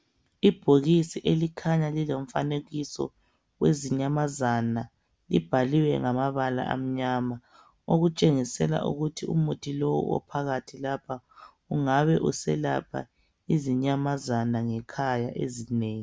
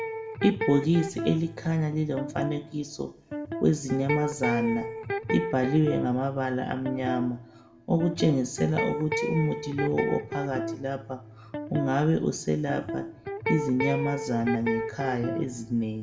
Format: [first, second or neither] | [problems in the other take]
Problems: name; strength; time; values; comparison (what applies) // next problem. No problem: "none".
first | background sound (Electric guitar); 6 dB below the speech // room echo; dies away in 0.4 s